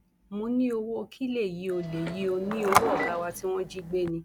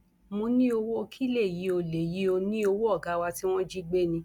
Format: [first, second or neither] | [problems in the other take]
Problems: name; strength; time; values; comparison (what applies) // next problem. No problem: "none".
second | background sound (Telephone + Subway, metro, underground); 1 dB below the speech